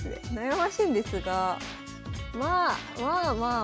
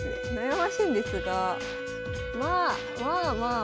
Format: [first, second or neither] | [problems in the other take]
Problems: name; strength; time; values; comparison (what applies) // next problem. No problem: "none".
first | background sound (Wind instrument, woodwind instrument); 6 dB below the speech